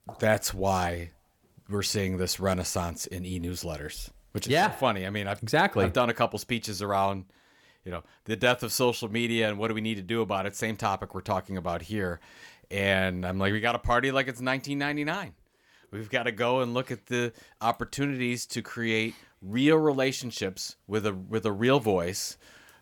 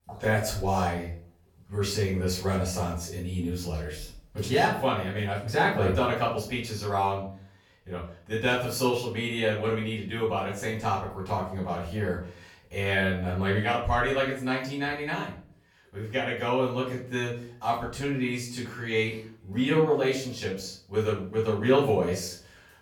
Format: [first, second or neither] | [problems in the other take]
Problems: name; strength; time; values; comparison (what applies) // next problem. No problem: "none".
first | room echo; noticeable; dies away in 0.4 s // off-mic speech; far